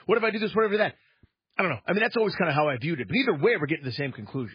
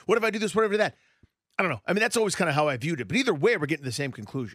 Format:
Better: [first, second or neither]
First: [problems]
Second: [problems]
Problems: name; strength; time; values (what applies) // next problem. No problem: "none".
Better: second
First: garbled, watery; badly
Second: none